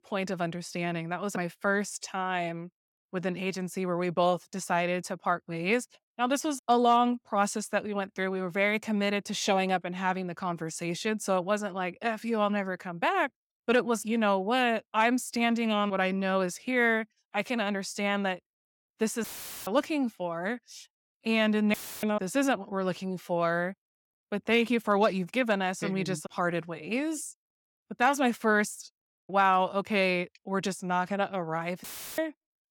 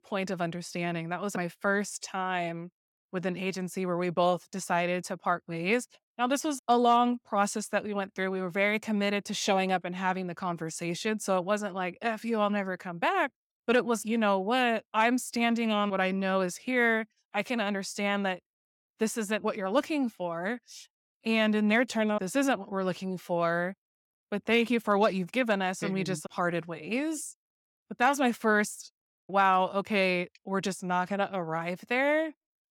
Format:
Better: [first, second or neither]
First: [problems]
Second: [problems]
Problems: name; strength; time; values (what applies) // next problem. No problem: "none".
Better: second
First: audio cutting out; filled with static; at 19 s, at 22 s and at 32 s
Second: none